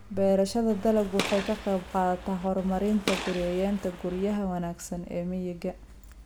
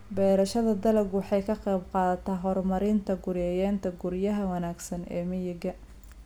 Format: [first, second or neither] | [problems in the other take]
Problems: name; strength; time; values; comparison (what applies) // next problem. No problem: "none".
second | background sound (Gunshot, gunfire); 10 dB below the speech